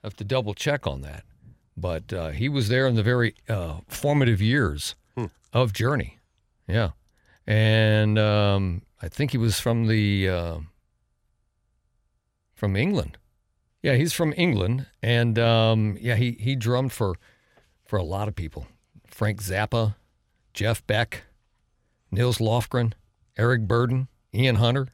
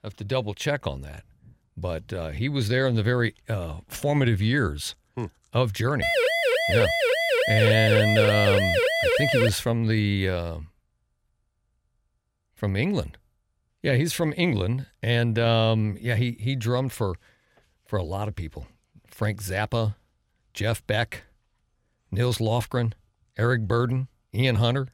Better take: first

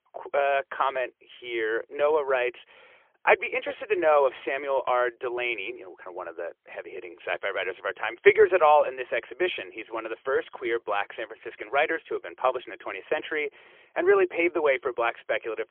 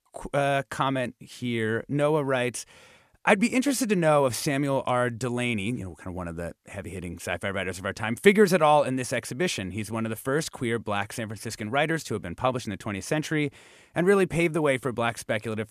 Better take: second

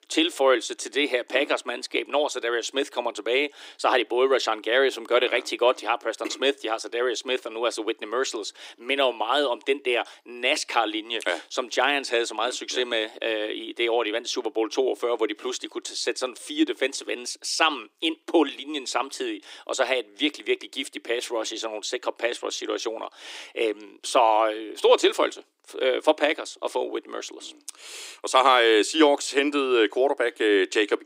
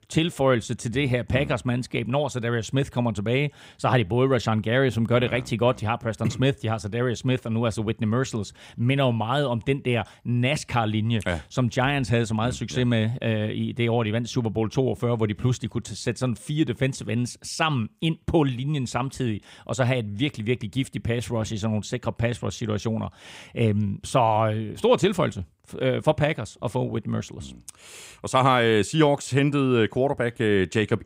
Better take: second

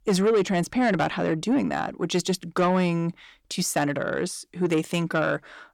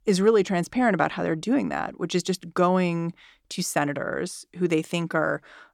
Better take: second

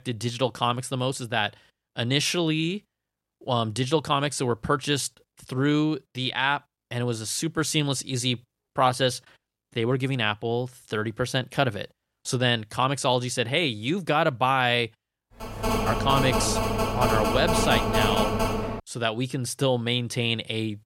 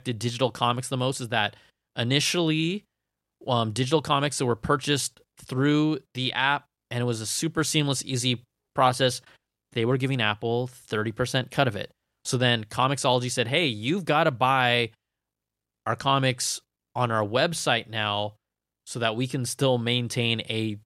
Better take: second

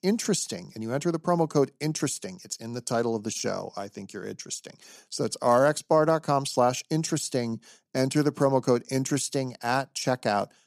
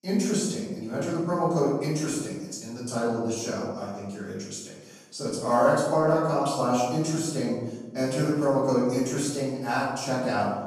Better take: first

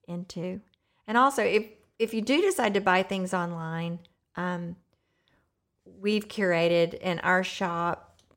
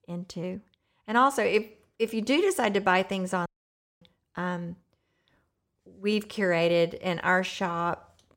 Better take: first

